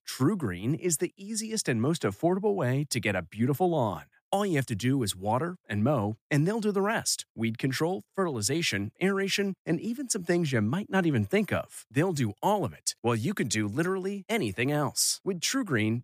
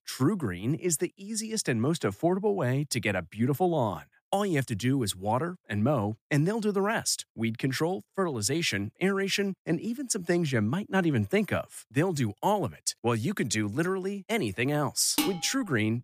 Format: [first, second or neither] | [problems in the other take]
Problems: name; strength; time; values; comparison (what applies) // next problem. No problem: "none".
first | clattering dishes; noticeable; at 15 s; peak 2 dB below the speech